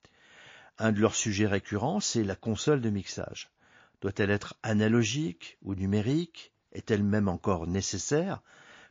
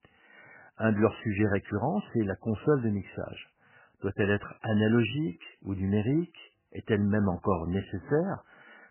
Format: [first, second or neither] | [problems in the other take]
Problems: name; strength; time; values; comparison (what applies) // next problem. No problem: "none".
first | garbled, watery; badly; nothing above 3 kHz; slightly in the first